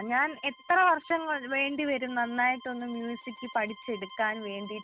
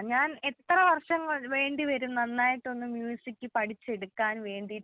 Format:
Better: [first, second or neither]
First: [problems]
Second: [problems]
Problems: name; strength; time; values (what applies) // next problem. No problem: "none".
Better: second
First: background sound (Bowed string instrument); 19 dB below the speech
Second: none